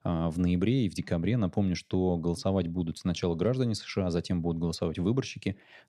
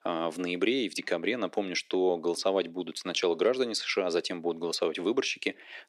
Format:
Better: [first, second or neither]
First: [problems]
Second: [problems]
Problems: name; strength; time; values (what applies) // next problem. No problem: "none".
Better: first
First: none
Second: thin; somewhat; fading below 350 Hz